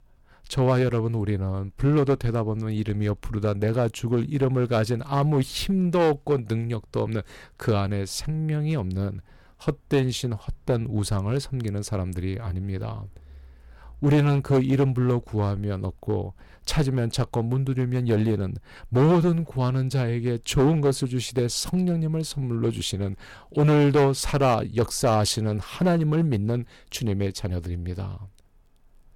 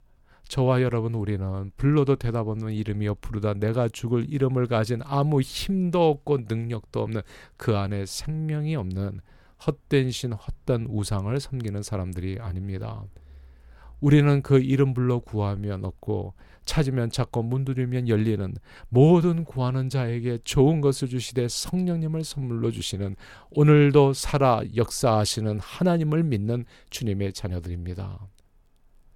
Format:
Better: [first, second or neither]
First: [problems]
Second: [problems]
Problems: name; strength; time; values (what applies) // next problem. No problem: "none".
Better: second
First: distortion; slight; 5% of the sound clipped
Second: none